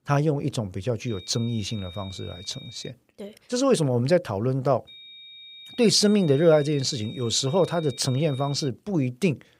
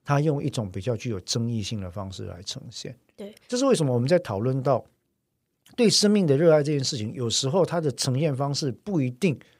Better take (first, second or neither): second